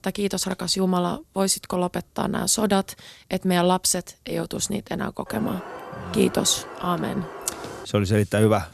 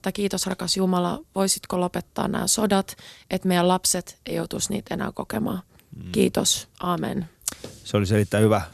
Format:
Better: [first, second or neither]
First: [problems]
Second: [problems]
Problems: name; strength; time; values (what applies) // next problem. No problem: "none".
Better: second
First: alarm; faint; from 5.5 to 8 s; peak 15 dB below the speech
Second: none